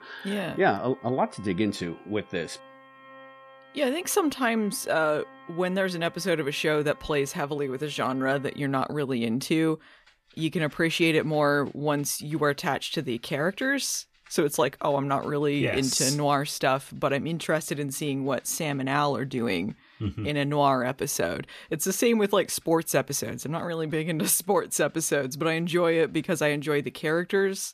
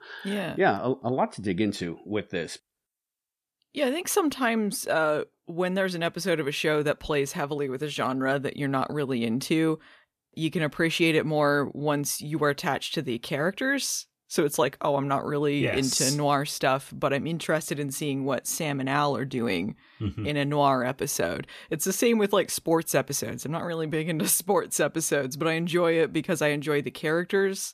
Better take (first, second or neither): second